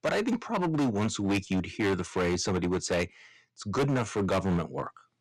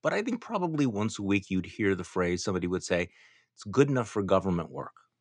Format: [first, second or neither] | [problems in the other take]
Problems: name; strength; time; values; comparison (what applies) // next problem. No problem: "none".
second | distortion; heavy; 14% of the sound clipped